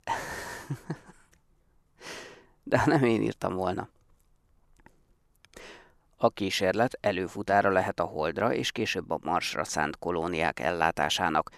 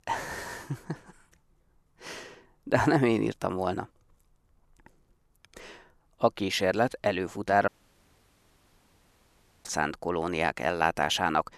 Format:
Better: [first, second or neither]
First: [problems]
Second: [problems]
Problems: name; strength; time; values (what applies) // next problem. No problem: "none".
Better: first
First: none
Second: audio cutting out; at 7.5 s for 2 s